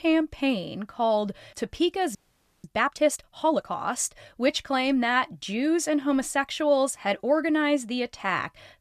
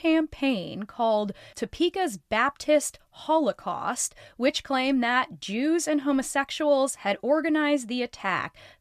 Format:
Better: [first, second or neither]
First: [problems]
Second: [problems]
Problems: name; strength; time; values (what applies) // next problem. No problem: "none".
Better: second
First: audio freezing; at 2 s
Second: none